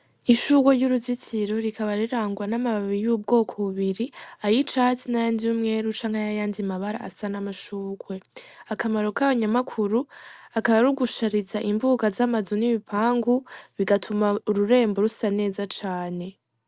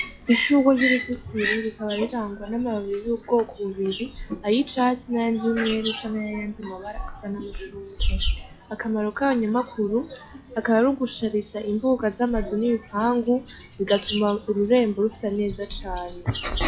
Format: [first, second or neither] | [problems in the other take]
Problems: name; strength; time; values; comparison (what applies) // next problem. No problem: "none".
first | noise reduction (classical method log-MMSE)